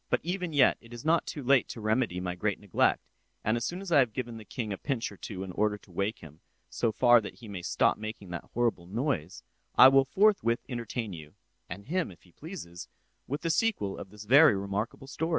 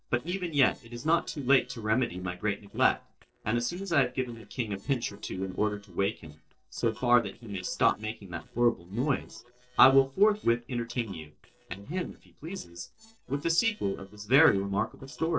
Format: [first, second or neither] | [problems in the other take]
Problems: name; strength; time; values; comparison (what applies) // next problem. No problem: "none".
first | noise reduction (neural separator model SepFormer DNS4)